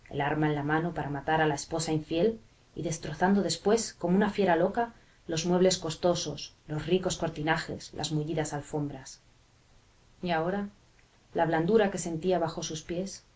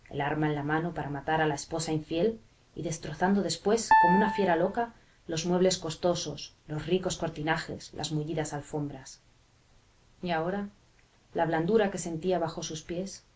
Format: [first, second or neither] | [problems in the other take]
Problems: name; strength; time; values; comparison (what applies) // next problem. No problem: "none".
first | background sound (Piano); 4 dB above the speech